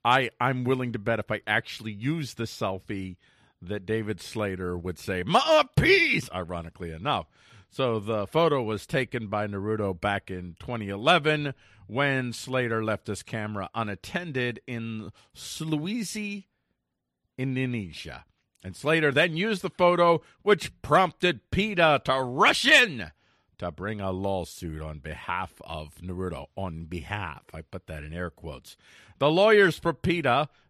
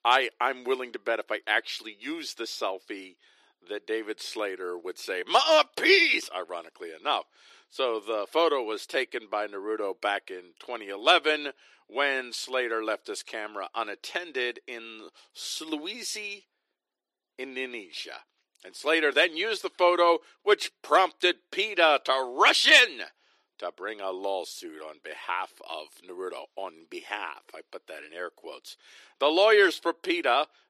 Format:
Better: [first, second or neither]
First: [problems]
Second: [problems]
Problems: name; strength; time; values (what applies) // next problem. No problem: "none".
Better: first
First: none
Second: thin; very; fading below 350 Hz